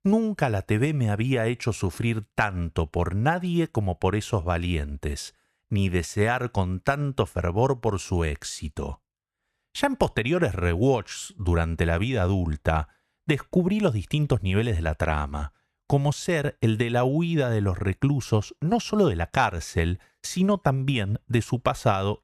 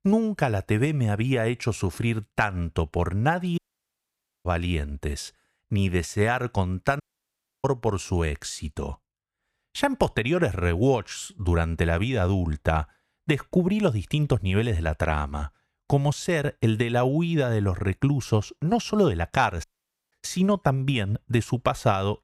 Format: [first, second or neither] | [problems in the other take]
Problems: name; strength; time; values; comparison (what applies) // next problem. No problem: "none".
first | audio cutting out; at 3.5 s for 1 s, at 7 s for 0.5 s and at 20 s